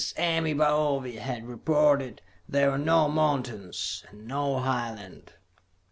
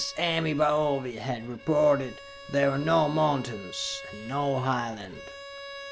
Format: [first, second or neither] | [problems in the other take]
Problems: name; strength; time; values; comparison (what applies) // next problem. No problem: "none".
first | background sound (Bowed string instrument); 17 dB below the speech